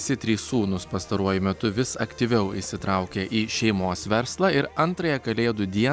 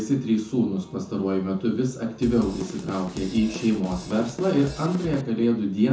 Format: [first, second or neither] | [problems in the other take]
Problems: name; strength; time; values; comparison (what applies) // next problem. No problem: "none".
first | background sound (Drum / Drum kit); 12 dB below the speech // room echo; dies away in 0.7 s